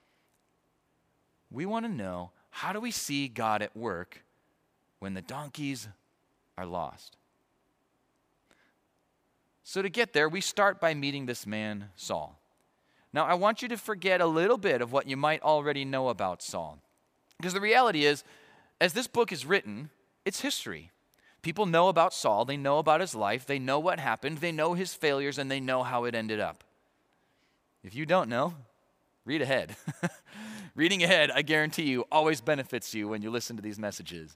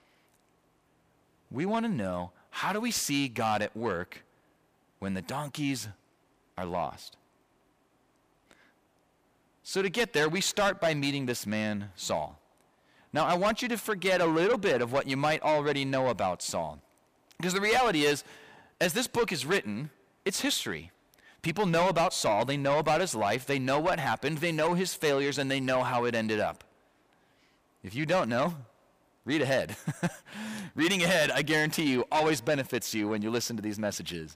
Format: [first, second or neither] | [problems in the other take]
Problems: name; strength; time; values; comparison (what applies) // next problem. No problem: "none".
first | distortion; heavy; 8 dB below the speech